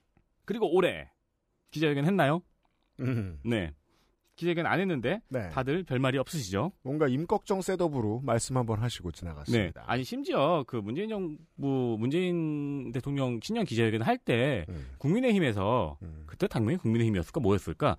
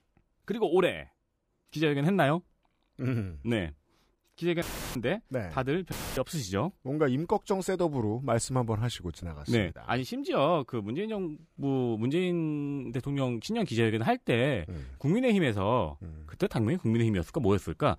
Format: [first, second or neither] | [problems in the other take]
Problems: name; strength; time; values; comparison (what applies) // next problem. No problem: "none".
first | audio cutting out; filled with static; at 4.5 s and at 6 s